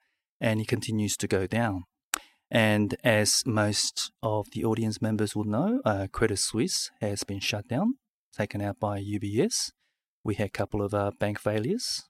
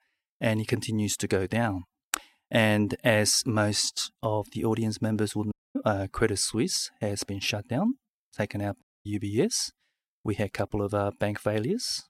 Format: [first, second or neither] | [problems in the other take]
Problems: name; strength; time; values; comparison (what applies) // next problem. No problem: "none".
first | audio cutting out; at 5.5 s and at 9 s